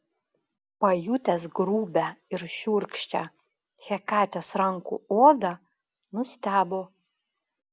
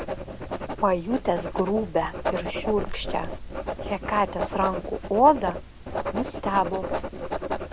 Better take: first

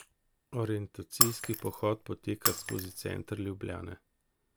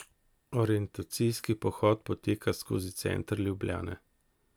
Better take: second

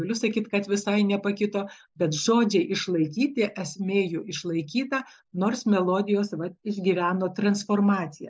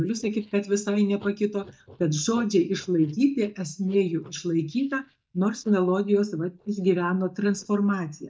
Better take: first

